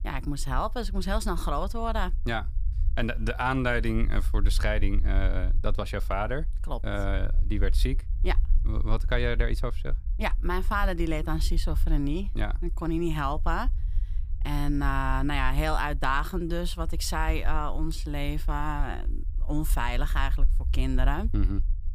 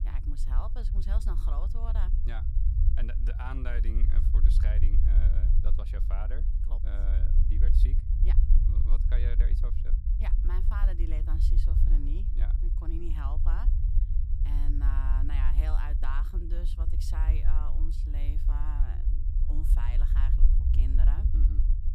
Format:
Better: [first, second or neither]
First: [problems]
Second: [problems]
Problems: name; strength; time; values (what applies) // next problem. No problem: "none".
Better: first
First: low rumble; faint; throughout; 25 dB below the speech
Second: low rumble; loud; throughout; 3 dB below the speech